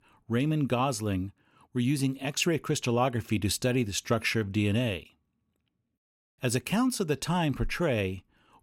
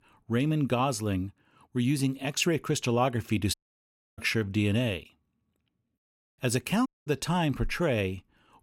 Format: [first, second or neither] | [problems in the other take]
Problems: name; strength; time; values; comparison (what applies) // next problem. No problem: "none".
first | audio cutting out; at 3.5 s for 0.5 s and at 7 s